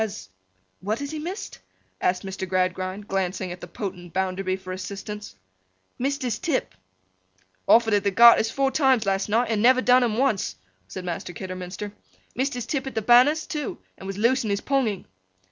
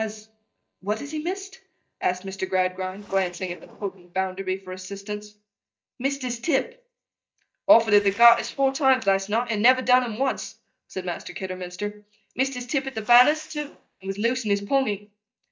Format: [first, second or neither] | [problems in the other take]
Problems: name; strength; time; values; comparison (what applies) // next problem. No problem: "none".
first | noise reduction (neural mask model DeepFilterNet 3)